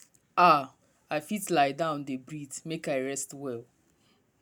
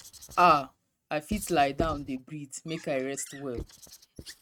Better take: first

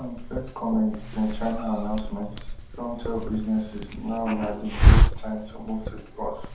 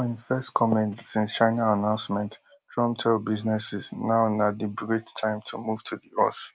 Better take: second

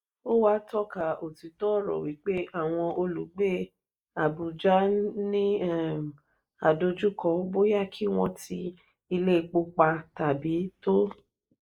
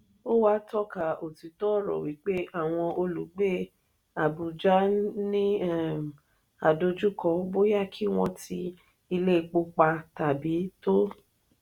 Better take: second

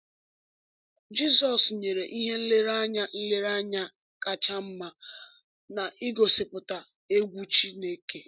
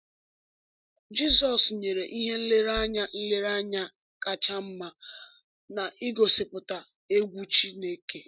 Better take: first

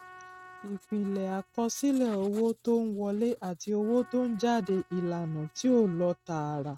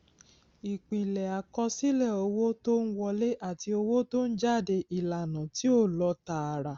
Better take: second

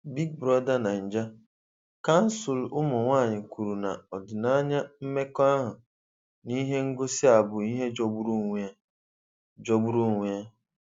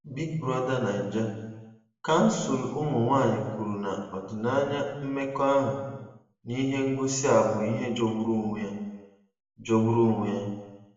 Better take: first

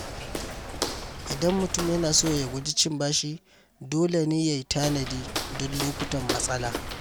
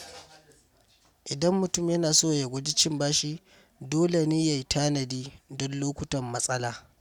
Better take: second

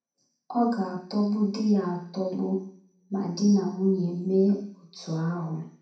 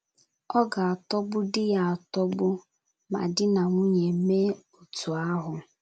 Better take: second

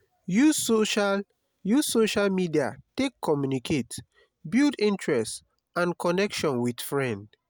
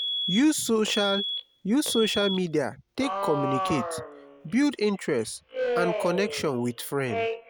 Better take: first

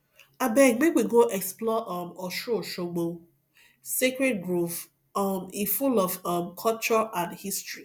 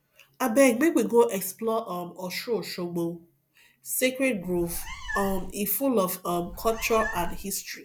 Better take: first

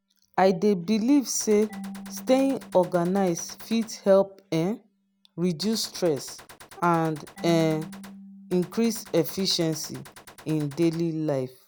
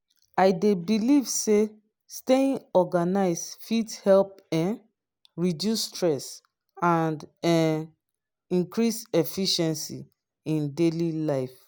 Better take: second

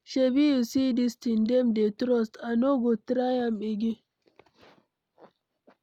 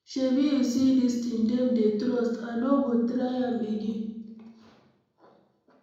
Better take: first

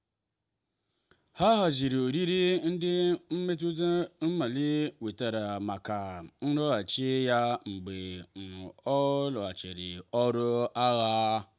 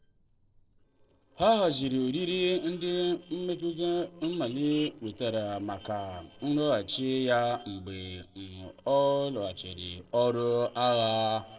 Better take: first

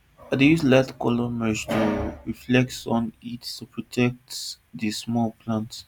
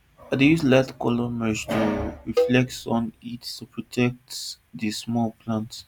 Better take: first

